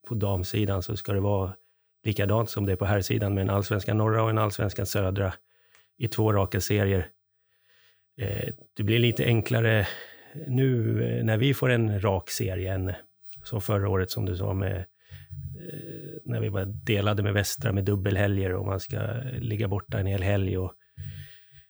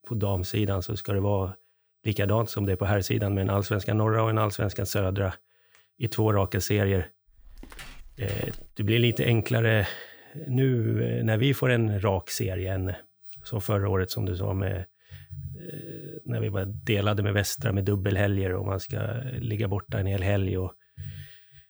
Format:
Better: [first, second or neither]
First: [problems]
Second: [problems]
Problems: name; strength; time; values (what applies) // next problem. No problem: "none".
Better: first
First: none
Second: footsteps; faint; from 7.5 to 8.5 s; peak 15 dB below the speech